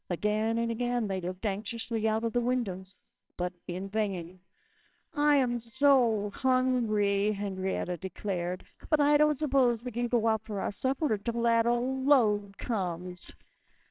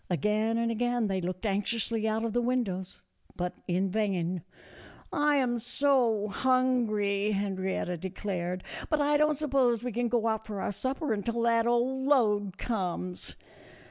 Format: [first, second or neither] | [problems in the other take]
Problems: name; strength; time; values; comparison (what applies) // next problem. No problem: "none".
second | noise reduction (neural separator model SepFormer WHAMR!)